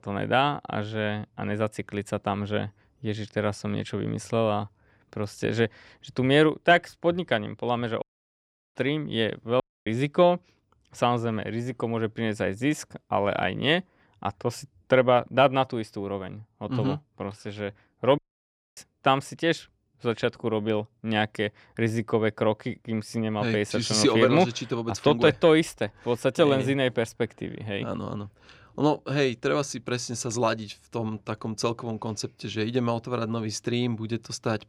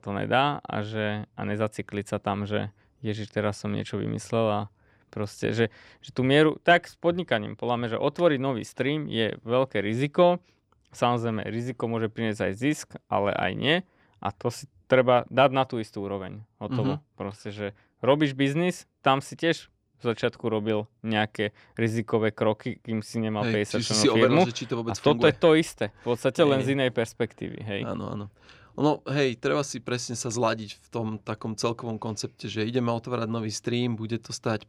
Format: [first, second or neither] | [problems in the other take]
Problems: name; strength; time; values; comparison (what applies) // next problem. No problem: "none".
second | audio cutting out; at 8 s for 0.5 s, at 9.5 s and at 18 s for 0.5 s